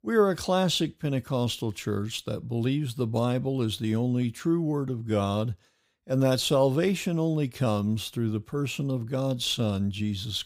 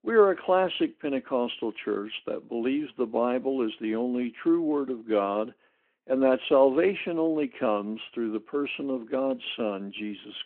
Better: first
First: none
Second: phone-call audio

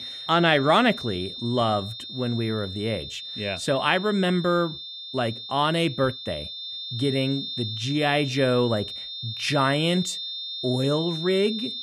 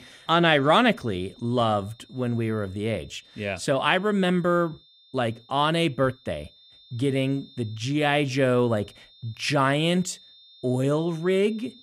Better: second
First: high-pitched whine; loud; throughout; 3.5 kHz, 8 dB below the speech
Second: high-pitched whine; faint; throughout; 3.5 kHz, 25 dB below the speech

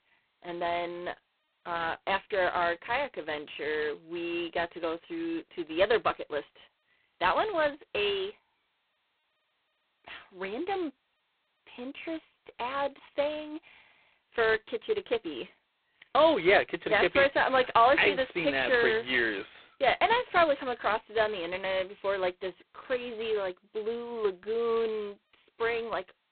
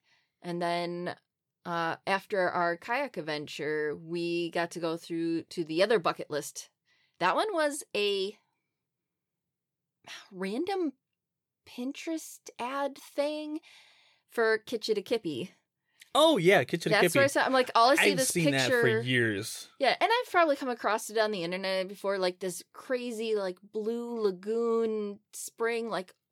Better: second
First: phone-call audio; poor line; nothing above 4 kHz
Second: none

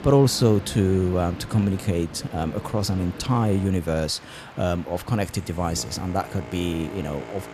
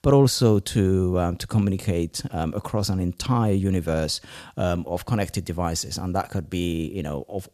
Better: second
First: train or aircraft noise; noticeable; throughout; 15 dB below the speech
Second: none

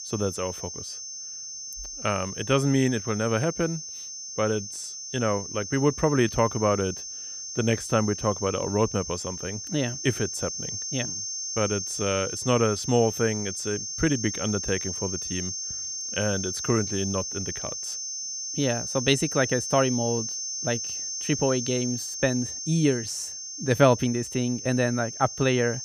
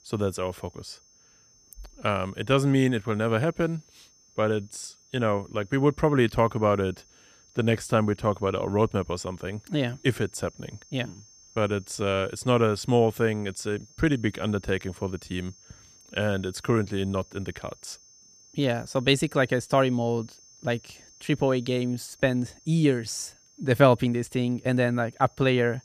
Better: second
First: high-pitched whine; loud; throughout; 6.5 kHz, 5 dB below the speech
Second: high-pitched whine; faint; throughout; 6.5 kHz, 25 dB below the speech

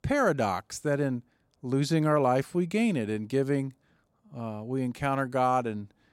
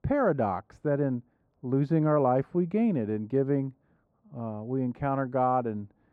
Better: first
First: none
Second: muffled; very; fading above 3 kHz

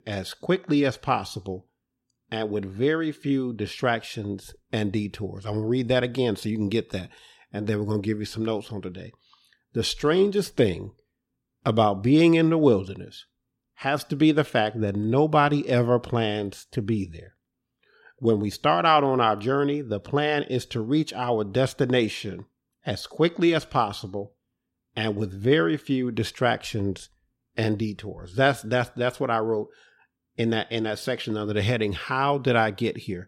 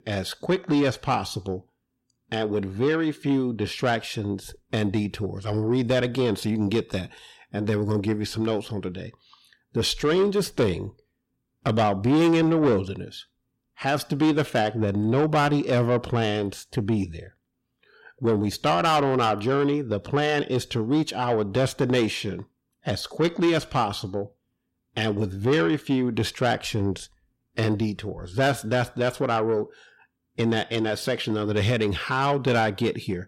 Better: first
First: none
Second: distortion; slight; 10 dB below the speech

